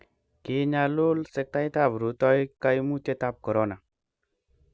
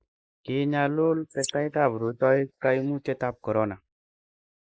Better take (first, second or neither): first